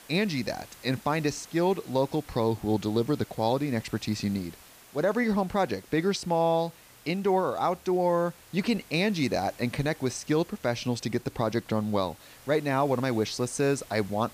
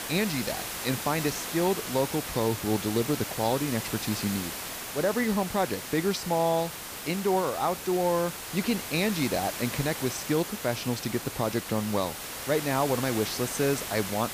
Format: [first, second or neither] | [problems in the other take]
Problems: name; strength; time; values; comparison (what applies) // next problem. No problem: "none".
first | hiss; loud; throughout; 6 dB below the speech; faint in the first